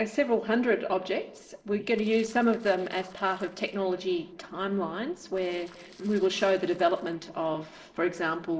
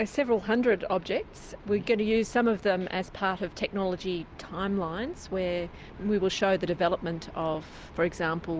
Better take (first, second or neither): second